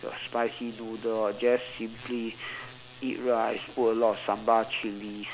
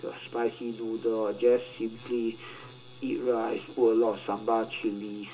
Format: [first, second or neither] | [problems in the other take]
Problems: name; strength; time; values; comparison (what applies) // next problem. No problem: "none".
first | room echo; dies away in 0.2 s